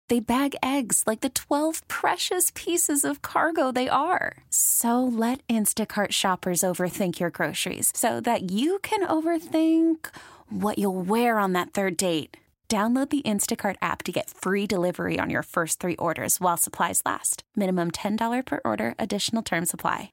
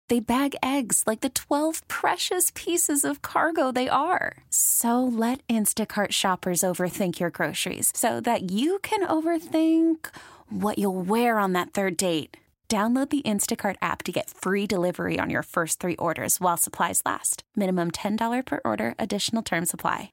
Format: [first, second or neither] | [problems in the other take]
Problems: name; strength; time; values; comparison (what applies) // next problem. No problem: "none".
neither | none